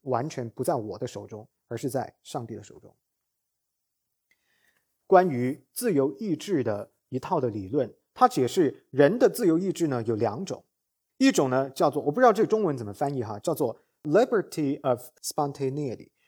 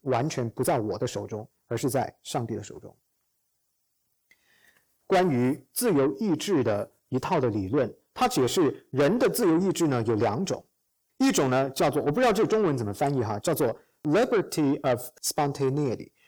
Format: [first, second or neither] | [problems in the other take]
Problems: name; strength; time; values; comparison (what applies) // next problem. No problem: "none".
first | distortion; heavy; 7 dB below the speech